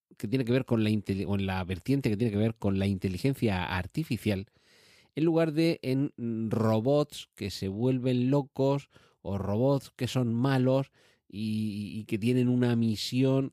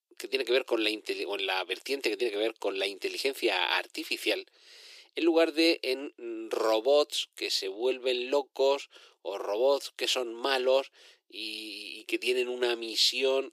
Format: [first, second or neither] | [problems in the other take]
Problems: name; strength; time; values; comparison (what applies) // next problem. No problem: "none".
first | thin; very; fading below 350 Hz